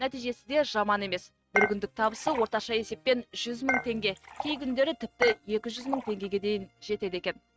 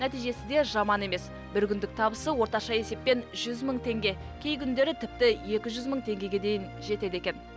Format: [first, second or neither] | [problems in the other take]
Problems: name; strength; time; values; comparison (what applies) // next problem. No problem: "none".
second | noise reduction (neural mask model RNNoise)